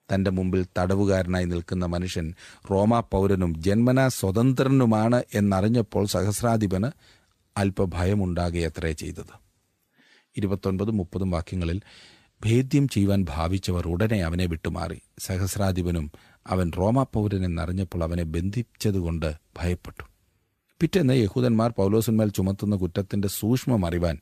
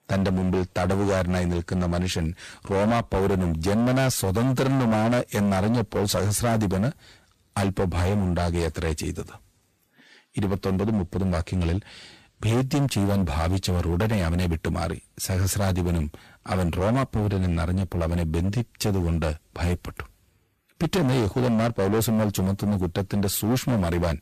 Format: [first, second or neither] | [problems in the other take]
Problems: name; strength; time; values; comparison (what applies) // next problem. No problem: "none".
first | distortion; heavy; 18% of the sound clipped